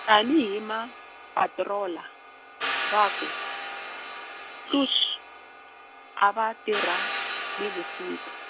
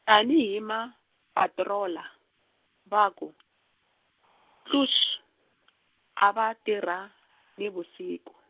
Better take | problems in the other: second | background sound (Hi-hat); 7 dB below the speech

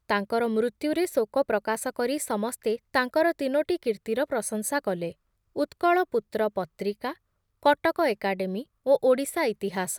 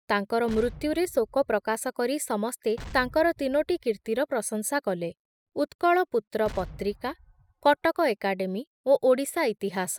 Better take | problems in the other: first | noise reduction (classical method spectral subtraction)

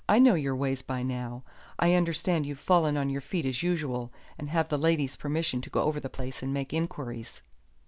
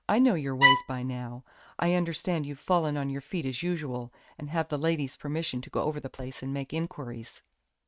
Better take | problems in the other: first | noise reduction (neural mask model RNNoise)

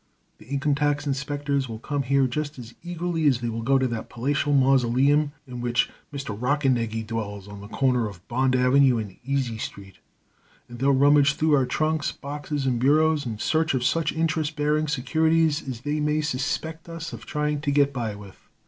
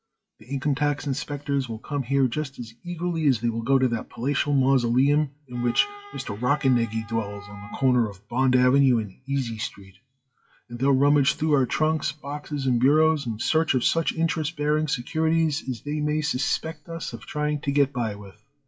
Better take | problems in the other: first | noise reduction (classical method WPE with log-MMSE)

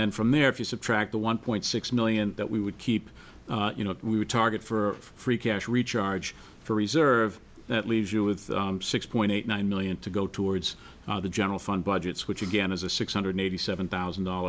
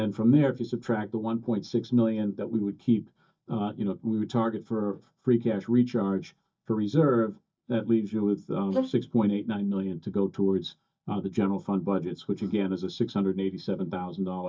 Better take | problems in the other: first | noise reduction (neural mask model DeepFilterNet 3)

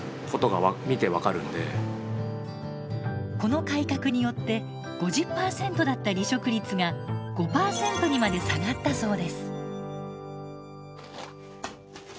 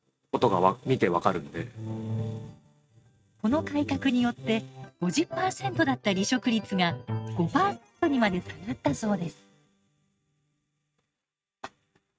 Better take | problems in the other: first | noise reduction (neural mask model RNNoise)

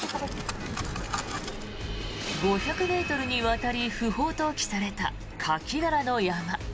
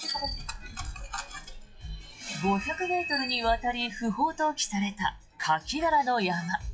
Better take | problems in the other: first | noise reduction (classical method WPE with log-MMSE)

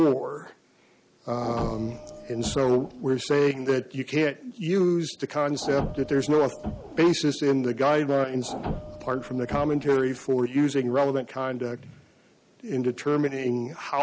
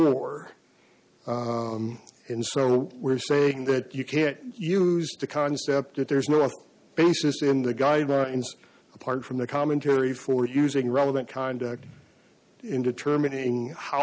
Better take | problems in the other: second | background sound (Printer); 11 dB below the speech

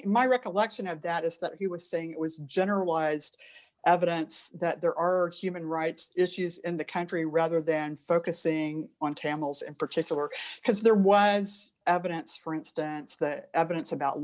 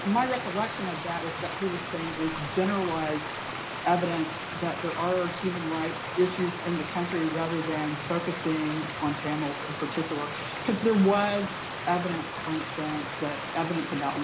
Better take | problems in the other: first | background sound (Stream); 6 dB below the speech // room echo; dies away in 0.4 s

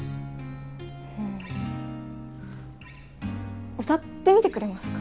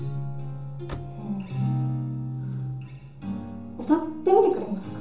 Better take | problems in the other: first | background sound (Slam); 17 dB below the speech // room echo; dies away in 0.6 s

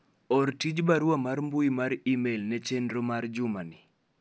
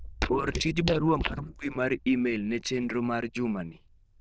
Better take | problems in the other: first | noise reduction (neural diffusion model UNIVERSE++)

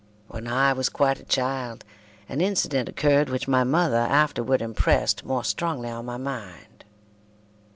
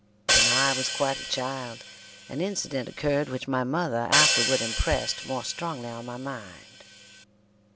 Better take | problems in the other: first | background sound (Hi-hat); 1 dB above the speech

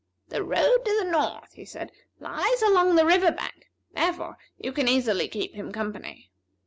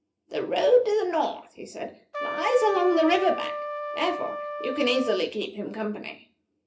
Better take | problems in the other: first | background sound (Trumpet); 7 dB below the speech // room echo; dies away in 0.3 s

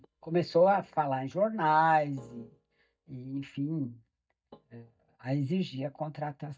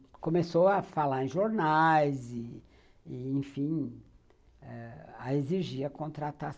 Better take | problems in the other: second | noise reduction (neural mask model DeepFilterNet 3)

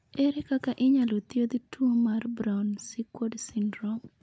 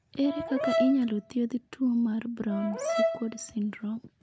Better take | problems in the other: first | background sound (Brass instrument); 3 dB below the speech

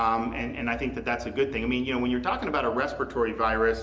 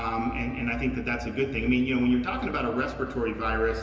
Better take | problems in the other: first | room echo; dies away in 2.3 s

